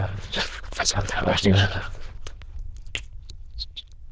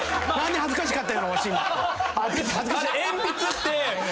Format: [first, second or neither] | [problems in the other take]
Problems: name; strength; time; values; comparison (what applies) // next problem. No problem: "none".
second | noise reduction (neural diffusion model UNIVERSE++)